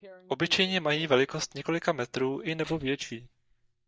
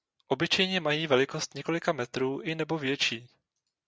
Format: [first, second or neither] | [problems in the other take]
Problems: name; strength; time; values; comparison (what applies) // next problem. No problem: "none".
second | noise reduction (neural mask model DeepFilterNet 3)